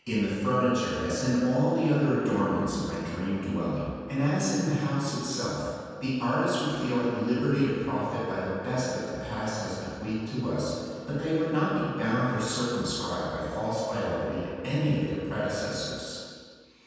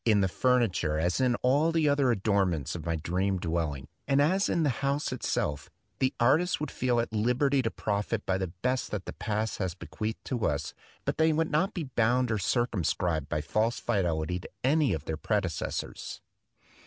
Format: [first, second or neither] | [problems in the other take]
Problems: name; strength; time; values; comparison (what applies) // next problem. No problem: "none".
second | room echo; dies away in 2.1 s